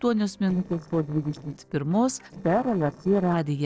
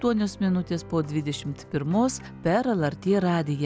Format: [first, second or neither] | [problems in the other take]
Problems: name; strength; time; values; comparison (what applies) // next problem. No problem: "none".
second | noise reduction (neural separator model SepFormer DNS4)